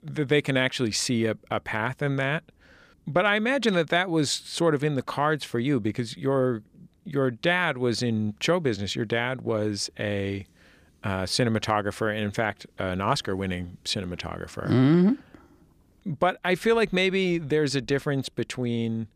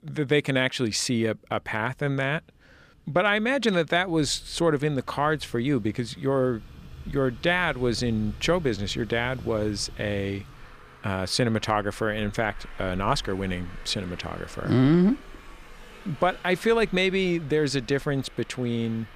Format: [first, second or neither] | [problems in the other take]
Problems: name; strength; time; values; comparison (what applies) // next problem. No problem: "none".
first | traffic noise; faint; throughout; 20 dB below the speech